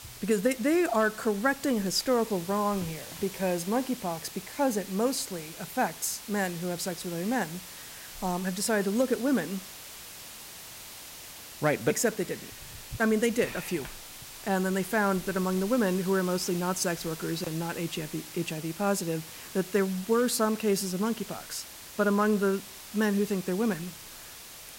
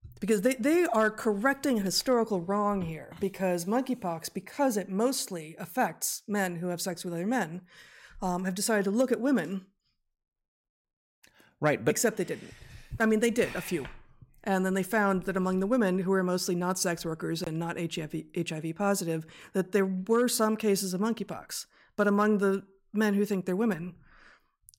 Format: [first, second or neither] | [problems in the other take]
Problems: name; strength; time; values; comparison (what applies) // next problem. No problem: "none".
second | hiss; noticeable; throughout; 15 dB below the speech